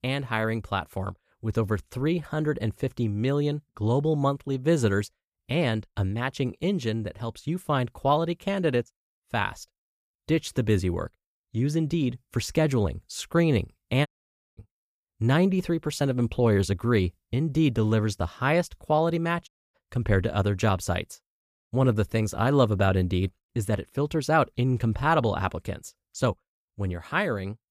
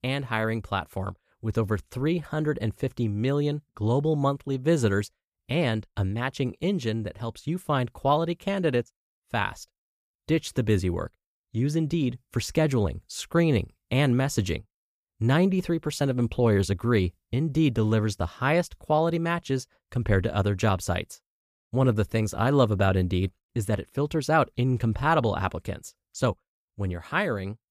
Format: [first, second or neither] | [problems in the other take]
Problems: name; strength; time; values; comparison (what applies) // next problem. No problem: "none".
second | audio cutting out; at 14 s for 0.5 s and at 19 s